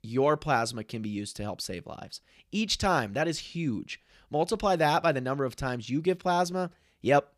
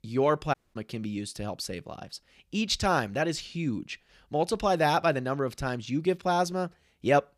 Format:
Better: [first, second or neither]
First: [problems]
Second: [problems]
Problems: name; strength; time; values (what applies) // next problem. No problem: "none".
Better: first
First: none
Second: audio cutting out; at 0.5 s